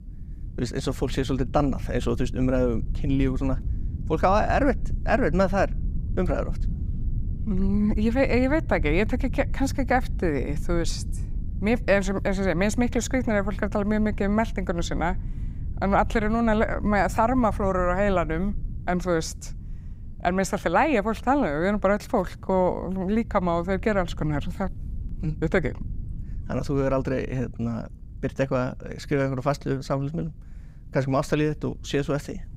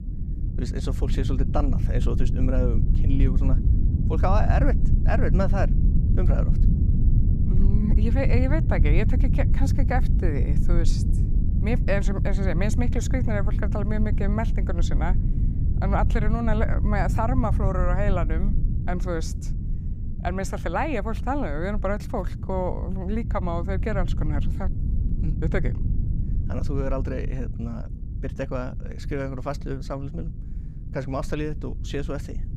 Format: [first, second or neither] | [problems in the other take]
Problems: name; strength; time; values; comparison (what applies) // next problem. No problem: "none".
first | low rumble; loud; throughout; 9 dB below the speech; faint in the first